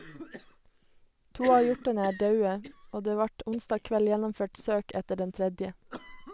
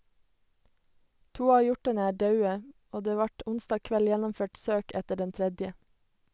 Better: second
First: background sound (Cough); 17 dB below the speech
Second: none

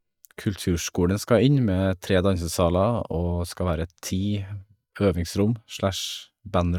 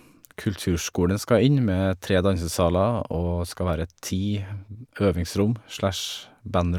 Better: second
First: noise reduction (neural mask model DeepFilterNet 3)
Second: none

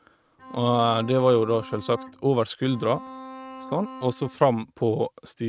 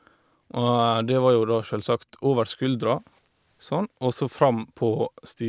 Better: second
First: noise reduction (neural mask model RNNoise)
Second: none

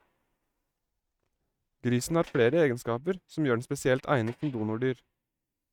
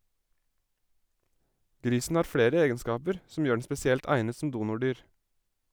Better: second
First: noise reduction (neural mask model RNNoise)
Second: none

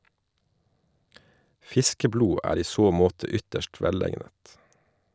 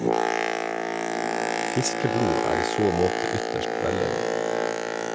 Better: first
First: none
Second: background sound (Boat, Water vehicle); 4 dB above the speech

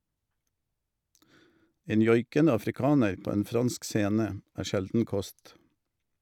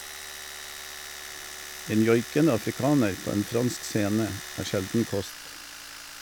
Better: first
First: none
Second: background sound (Domestic sounds, home sounds); 12 dB below the speech

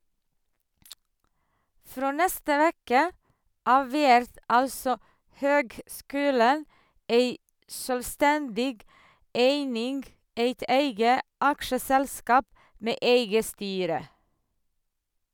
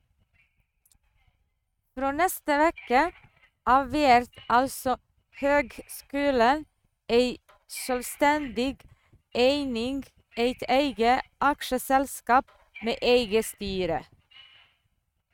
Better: first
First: none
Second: noise reduction (neural mask model RNNoise)

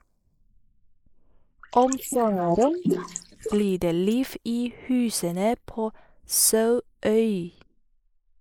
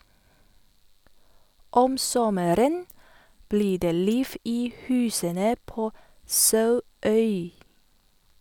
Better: second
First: noise reduction (neural mask model Resemble Enhance denoiser)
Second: none

